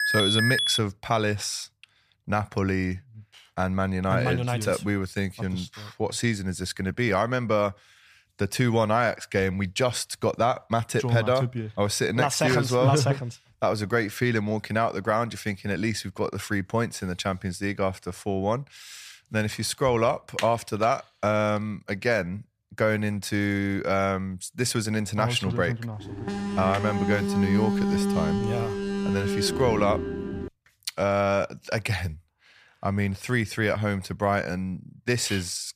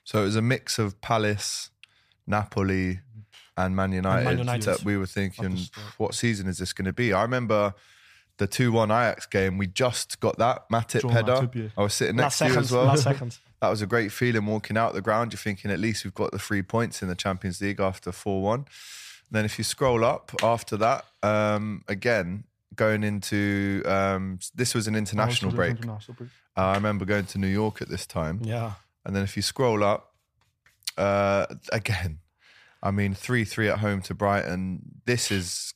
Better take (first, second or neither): second